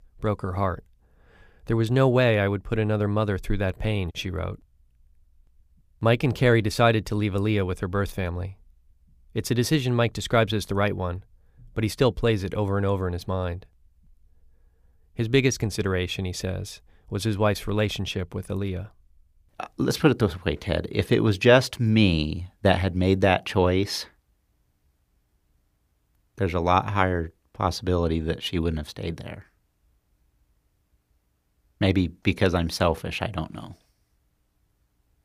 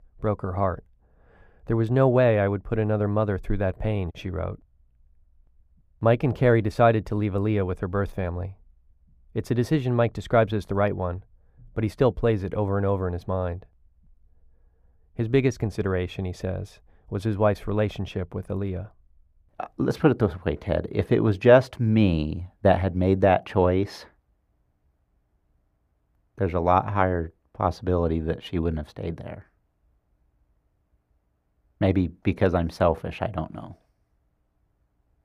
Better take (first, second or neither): first